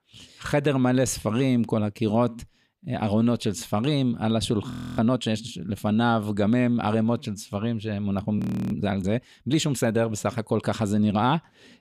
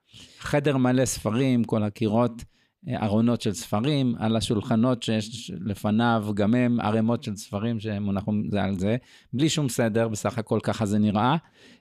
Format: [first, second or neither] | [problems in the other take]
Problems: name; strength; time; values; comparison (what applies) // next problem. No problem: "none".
second | audio freezing; at 4.5 s and at 8.5 s